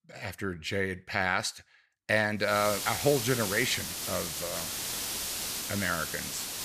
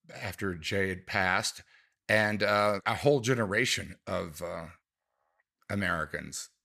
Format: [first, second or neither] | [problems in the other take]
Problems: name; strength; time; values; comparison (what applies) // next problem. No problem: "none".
second | hiss; loud; from 2.5 s on; 3 dB below the speech